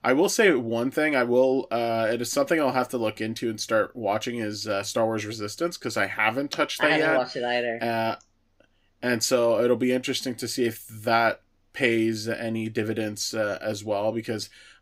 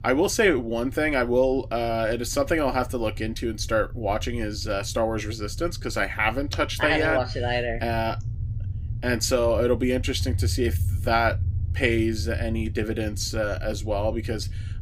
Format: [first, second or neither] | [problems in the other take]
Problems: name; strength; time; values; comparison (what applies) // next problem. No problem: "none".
first | low rumble; faint; throughout; 25 dB below the speech